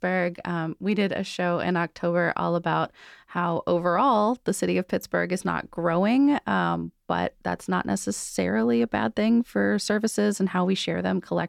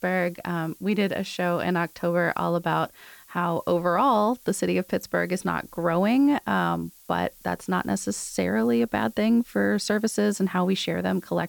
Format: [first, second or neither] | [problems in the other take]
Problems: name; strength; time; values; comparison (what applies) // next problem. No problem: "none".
first | hiss; faint; throughout; 25 dB below the speech